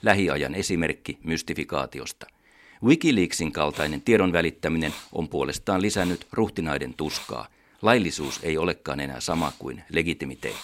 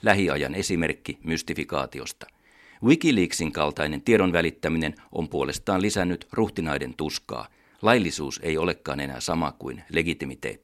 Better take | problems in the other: second | hiss; noticeable; from 3.5 s on; 15 dB below the speech

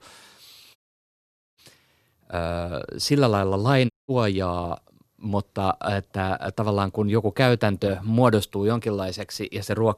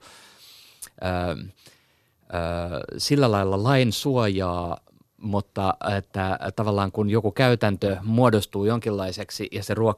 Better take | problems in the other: second | audio cutting out; at 1 s for 1 s and at 4 s

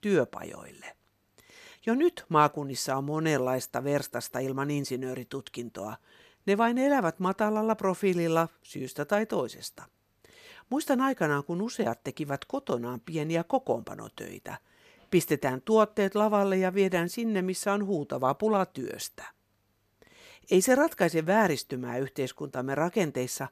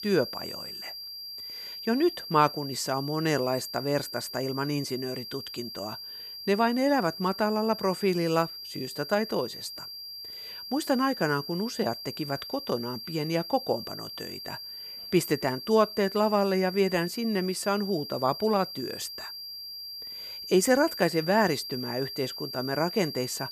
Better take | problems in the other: first | high-pitched whine; loud; throughout; 4.5 kHz, 9 dB below the speech

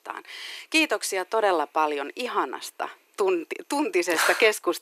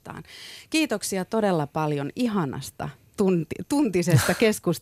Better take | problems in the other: second | thin; very; fading below 350 Hz

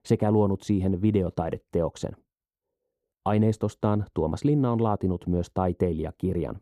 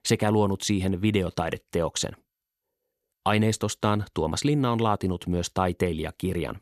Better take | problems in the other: second | muffled; slightly; fading above 1.5 kHz

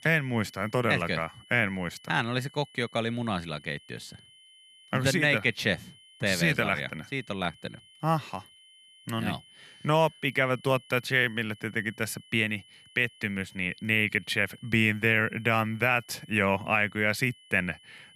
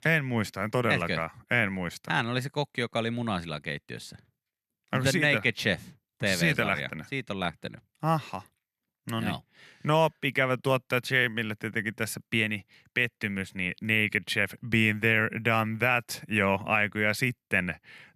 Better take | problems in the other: second | high-pitched whine; faint; throughout; 3 kHz, 25 dB below the speech

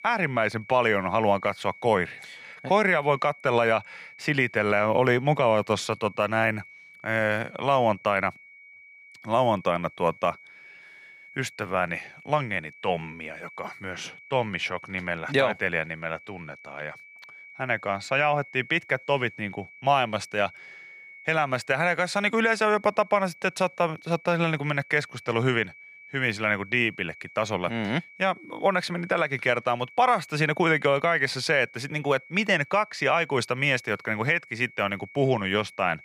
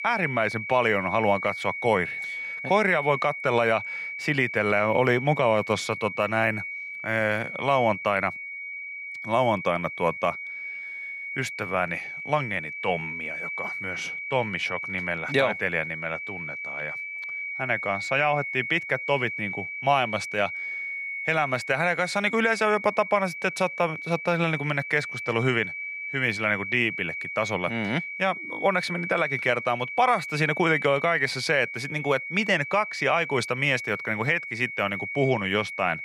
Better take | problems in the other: first | high-pitched whine; loud; throughout; 2.5 kHz, 7 dB below the speech; faint in the first

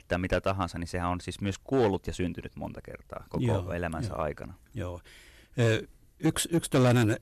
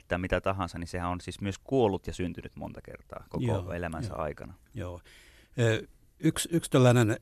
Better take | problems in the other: second | distortion; slight; 4% of the sound clipped

